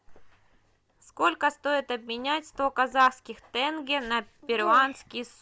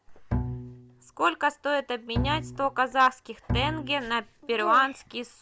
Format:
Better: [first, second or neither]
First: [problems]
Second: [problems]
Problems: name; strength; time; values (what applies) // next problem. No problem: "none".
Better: first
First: none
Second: background sound (Bowed string instrument); 6 dB below the speech